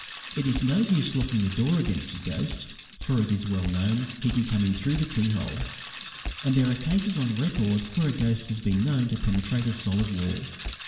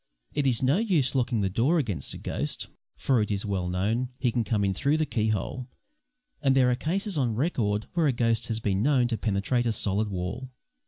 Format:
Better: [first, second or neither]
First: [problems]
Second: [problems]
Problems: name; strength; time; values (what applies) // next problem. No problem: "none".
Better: second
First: background sound (Bicycle); 12 dB below the speech // room echo; dies away in 0.8 s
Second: none